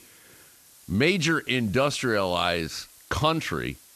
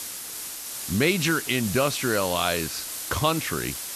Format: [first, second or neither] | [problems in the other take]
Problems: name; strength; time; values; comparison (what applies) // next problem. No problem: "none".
first | hiss; loud; throughout; 6 dB below the speech; faint in the first